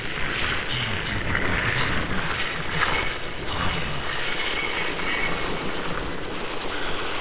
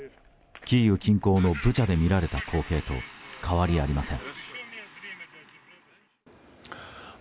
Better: second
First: noise reduction (neural separator model SepFormer WHAMR!)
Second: none

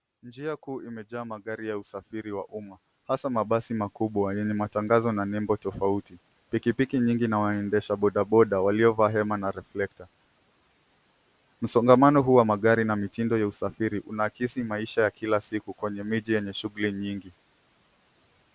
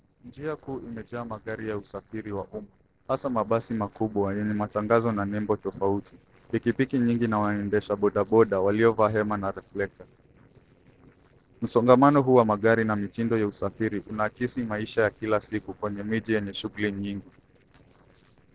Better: first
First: none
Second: noise reduction (neural separator model SepFormer DNS4)

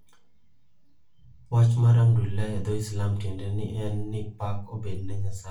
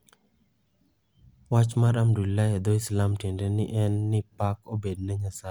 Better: second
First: room echo; dies away in 0.3 s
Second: none

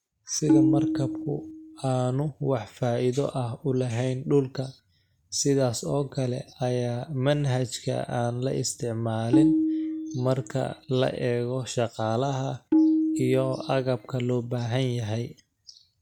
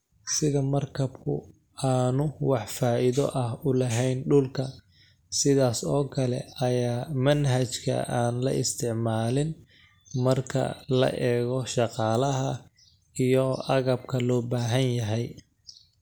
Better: second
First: noise reduction (neural mask model RNNoise)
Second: none

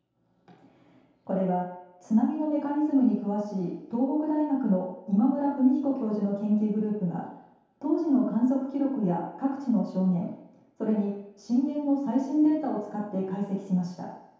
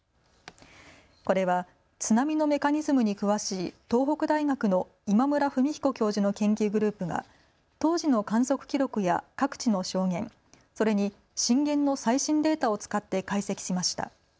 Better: second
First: room echo; dies away in 0.8 s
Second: none

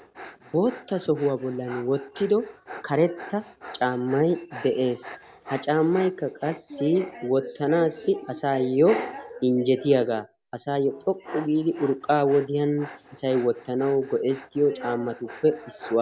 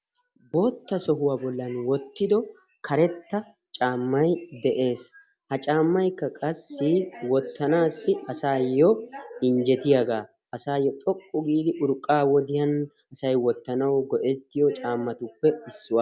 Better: second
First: background sound (Dog); 18 dB below the speech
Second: none

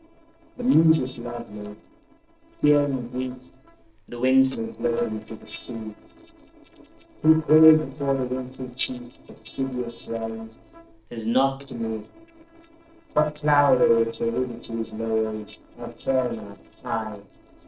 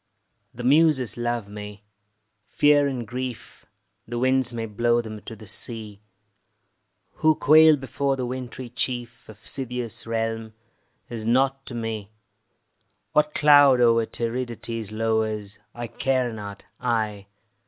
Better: second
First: noise reduction (neural separator model SepFormer DNS4)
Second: none

